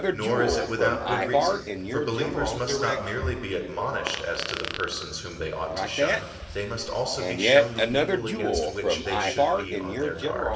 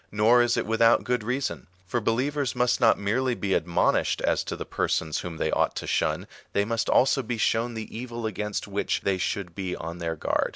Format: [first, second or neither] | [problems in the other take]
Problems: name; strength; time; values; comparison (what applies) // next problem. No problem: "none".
second | background sound (Fart); 3 dB above the speech // room echo; dies away in 1.3 s